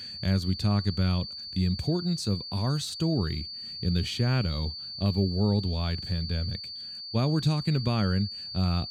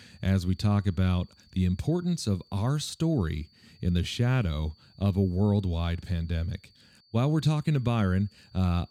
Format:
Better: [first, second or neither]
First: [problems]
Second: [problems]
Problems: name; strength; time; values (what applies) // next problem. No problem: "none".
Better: second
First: high-pitched whine; loud; throughout; 4.5 kHz, 8 dB below the speech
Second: high-pitched whine; faint; throughout; 4.5 kHz, 30 dB below the speech